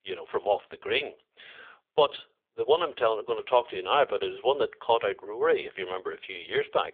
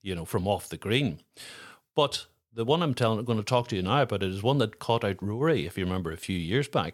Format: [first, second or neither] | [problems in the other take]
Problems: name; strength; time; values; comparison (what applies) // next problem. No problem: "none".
second | phone-call audio; poor line; nothing above 3.5 kHz